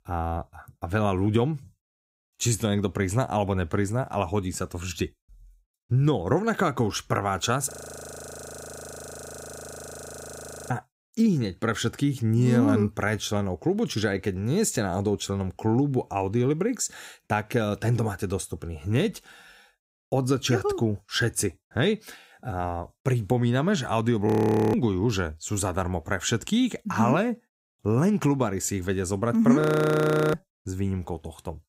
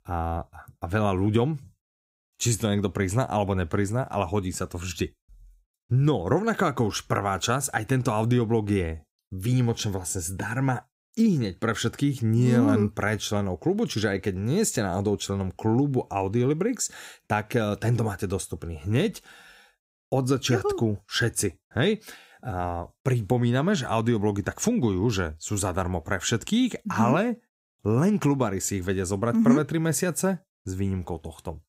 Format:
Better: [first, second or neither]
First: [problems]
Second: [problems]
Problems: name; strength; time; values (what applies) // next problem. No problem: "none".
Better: second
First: audio freezing; at 7.5 s for 3 s, at 24 s and at 30 s for 0.5 s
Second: none